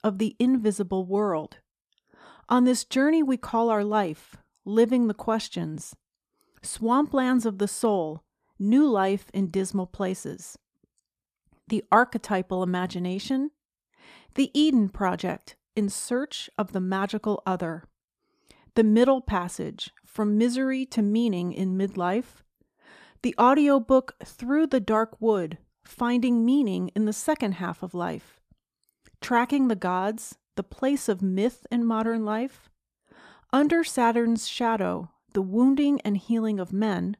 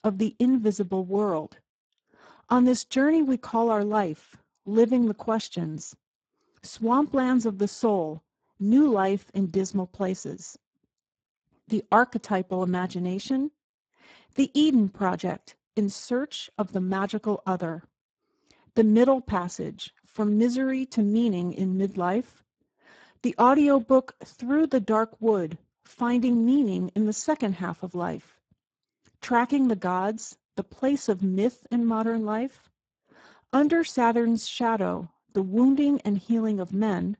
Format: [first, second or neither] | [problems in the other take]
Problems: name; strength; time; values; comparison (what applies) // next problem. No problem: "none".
first | garbled, watery; badly; nothing above 7.5 kHz